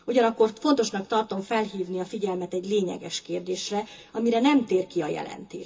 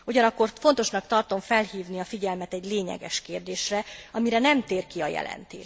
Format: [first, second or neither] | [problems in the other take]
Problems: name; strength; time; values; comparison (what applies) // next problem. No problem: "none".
second | room echo; dies away in 0.2 s